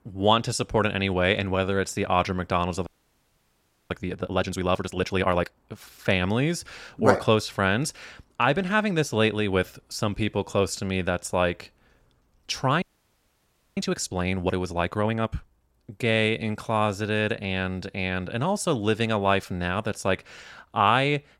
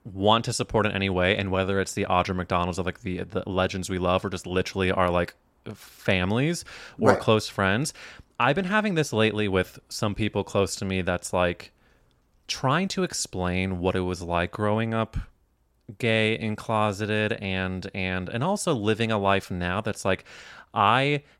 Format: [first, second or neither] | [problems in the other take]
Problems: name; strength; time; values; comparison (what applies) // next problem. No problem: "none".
second | audio freezing; at 3 s for 1 s and at 13 s for 1 s